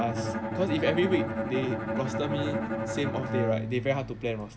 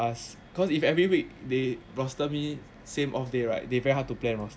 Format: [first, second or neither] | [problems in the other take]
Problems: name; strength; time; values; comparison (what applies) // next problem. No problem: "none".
second | background sound (Bowed string instrument); 1 dB below the speech